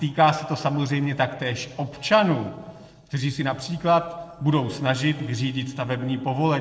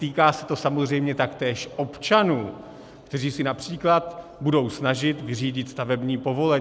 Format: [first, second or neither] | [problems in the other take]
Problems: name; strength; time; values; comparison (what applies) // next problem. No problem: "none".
second | noise reduction (neural separator model SepFormer DNS4)